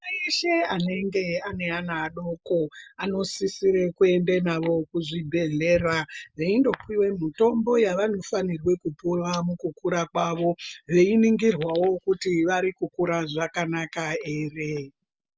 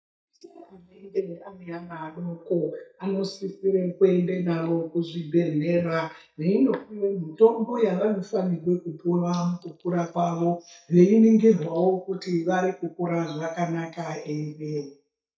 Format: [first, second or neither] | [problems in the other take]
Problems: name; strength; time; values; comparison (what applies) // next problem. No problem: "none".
first | noise reduction (neural mask model DeepFilterNet 3)